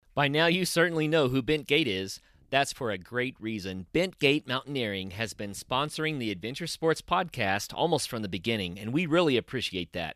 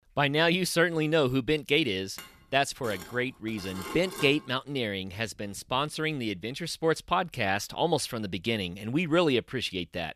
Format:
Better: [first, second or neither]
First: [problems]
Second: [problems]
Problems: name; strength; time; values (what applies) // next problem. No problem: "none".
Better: first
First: none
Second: clattering dishes; noticeable; from 2 to 4.5 s; peak 10 dB below the speech